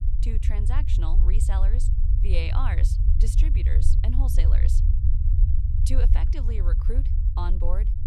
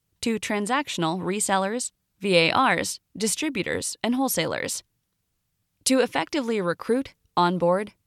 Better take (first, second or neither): second